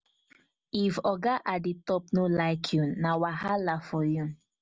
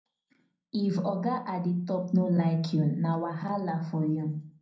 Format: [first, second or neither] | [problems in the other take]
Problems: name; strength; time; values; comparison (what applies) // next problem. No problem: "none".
first | room echo; dies away in 0.5 s